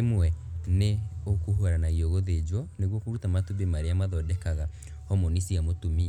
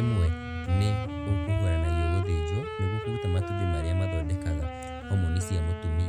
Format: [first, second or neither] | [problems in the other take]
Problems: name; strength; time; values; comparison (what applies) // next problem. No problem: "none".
first | background sound (Wind instrument, woodwind instrument); 9 dB below the speech